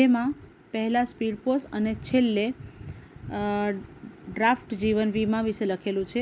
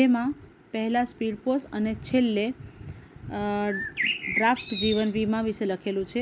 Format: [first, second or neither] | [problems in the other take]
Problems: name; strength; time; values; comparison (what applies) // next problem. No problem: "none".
first | background sound (Bird); 6 dB below the speech